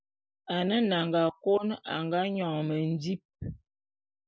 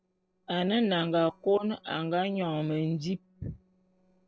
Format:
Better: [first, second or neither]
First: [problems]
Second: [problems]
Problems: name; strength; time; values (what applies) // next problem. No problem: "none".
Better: first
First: none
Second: noise reduction (neural separator model SepFormer DNS4)